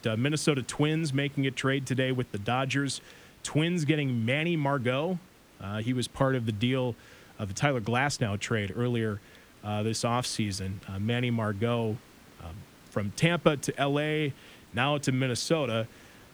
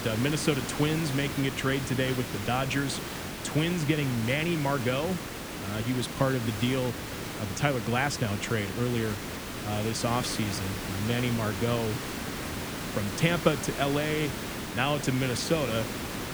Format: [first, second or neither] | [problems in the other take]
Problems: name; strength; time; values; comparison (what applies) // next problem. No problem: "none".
first | hiss; loud; throughout; 6 dB below the speech; faint in the first